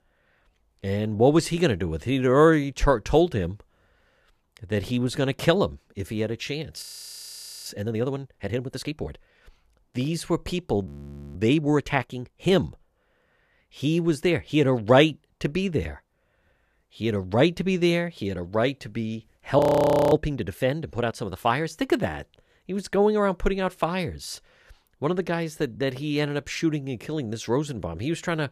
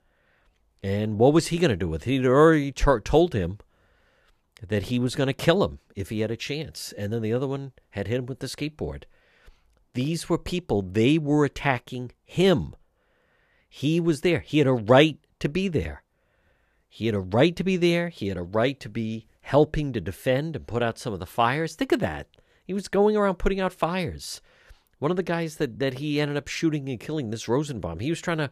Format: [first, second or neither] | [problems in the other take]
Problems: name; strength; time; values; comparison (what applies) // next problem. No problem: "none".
second | audio freezing; at 7 s for 1 s, at 11 s and at 20 s for 0.5 s